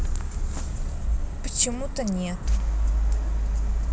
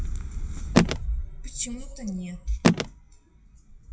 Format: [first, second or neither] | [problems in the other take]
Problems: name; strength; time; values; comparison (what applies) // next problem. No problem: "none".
first | noise reduction (classical method WPE with log-MMSE)